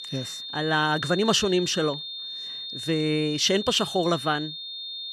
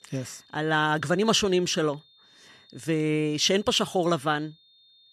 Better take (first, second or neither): second